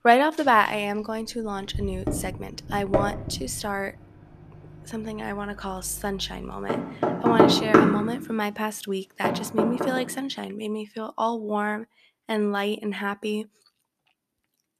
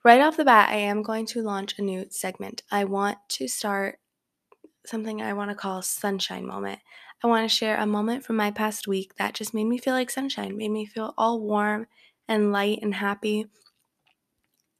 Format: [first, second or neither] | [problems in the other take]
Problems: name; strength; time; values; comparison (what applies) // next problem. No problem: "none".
second | household noises; very loud; until 9.5 s; 3 dB above the speech